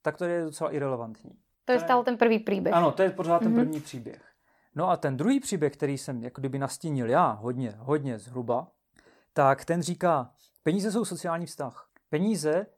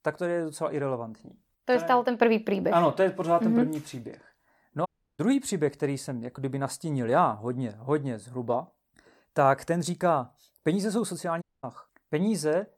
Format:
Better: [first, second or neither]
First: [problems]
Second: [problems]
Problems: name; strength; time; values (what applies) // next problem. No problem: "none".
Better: first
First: none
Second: audio cutting out; at 5 s and at 11 s